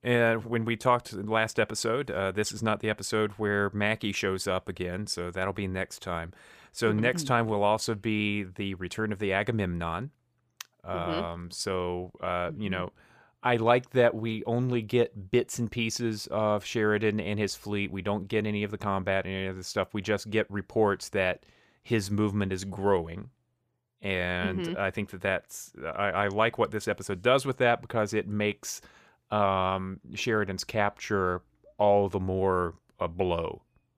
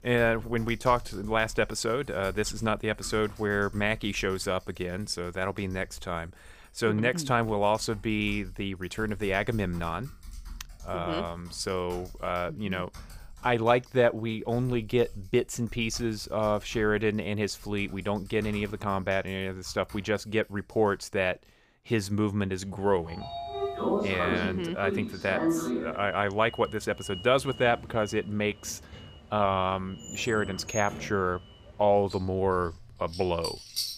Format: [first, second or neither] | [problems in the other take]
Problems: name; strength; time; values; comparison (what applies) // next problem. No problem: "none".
first | household noises; noticeable; throughout; 10 dB below the speech